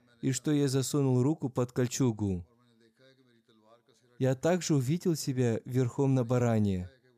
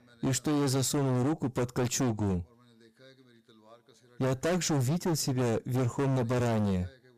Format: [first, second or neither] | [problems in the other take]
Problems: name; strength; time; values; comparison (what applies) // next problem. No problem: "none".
first | distortion; heavy; 25% of the sound clipped